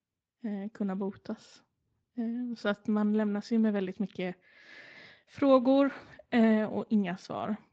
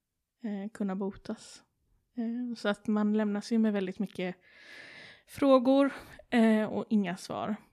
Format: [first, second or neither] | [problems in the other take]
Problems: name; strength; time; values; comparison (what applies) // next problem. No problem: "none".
second | garbled, watery; slightly; nothing above 7.5 kHz